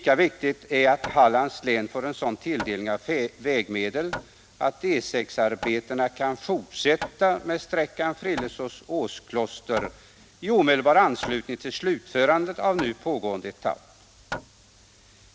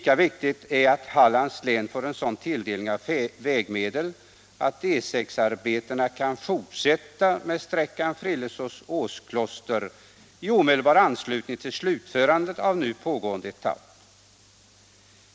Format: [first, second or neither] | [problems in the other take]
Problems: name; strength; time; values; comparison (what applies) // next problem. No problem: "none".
second | background sound (Hammer); 17 dB below the speech